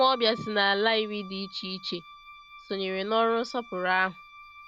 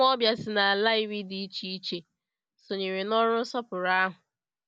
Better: second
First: background sound (Wind instrument, woodwind instrument); 18 dB below the speech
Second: none

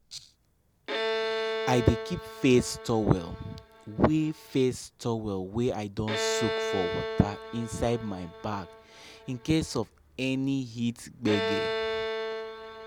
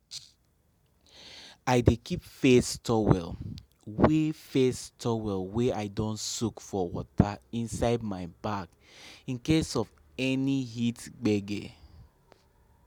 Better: second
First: background sound (Bowed string instrument); 5 dB below the speech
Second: none

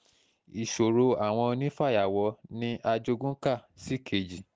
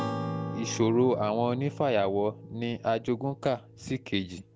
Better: first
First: none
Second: background sound (Acoustic guitar / Strum); 10 dB below the speech

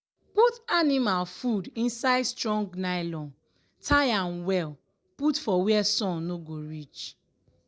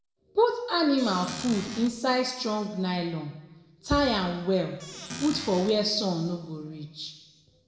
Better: first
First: none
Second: background sound (Squeak / Cupboard open or close); 11 dB below the speech // room echo; dies away in 1 s

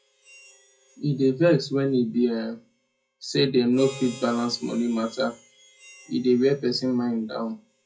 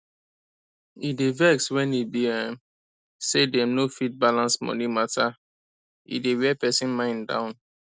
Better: second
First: noise reduction (classical method WPE with log-MMSE)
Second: none

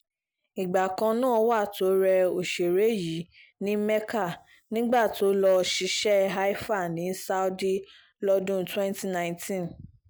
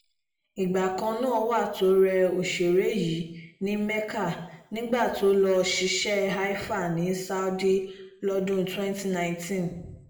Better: first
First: none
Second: room echo; dies away in 0.7 s

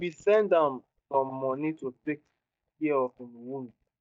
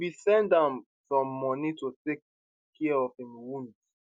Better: second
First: noise reduction (neural mask model DeepFilterNet 3)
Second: none

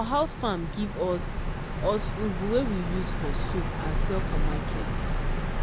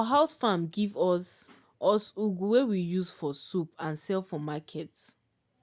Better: second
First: background sound (Bird vocalization, bird call, bird song); 3 dB above the speech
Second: none

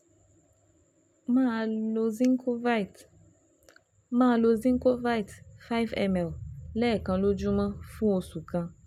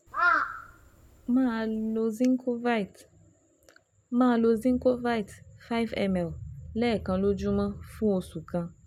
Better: first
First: none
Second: background sound (Crow); 3 dB below the speech

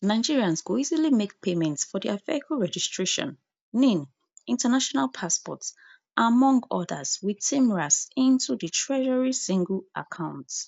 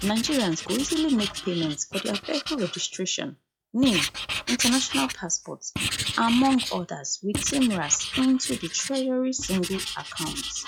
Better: first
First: none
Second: noise reduction (classical method log-MMSE)

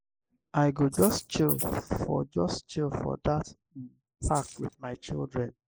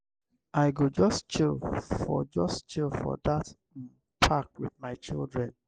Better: second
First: noise reduction (neural mask model Resemble Enhance denoiser)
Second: none

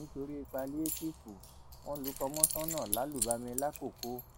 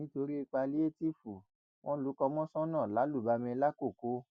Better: second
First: background sound (Keys jangling); 1 dB below the speech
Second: none

